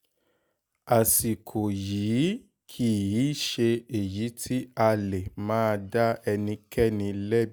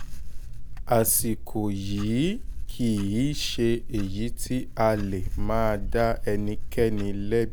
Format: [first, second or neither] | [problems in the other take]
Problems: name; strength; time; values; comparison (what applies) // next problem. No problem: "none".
first | background sound (Clock); 2 dB below the speech